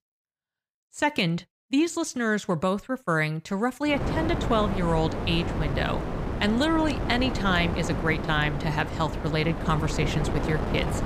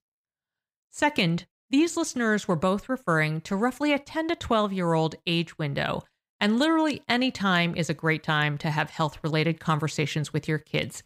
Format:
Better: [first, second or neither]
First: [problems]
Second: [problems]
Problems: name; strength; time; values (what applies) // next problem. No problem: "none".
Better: second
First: wind noise on the microphone; heavy; from 4 s on; 6 dB below the speech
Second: none